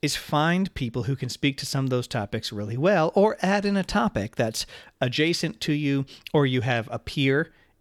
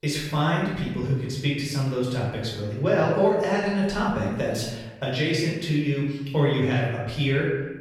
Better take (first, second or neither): first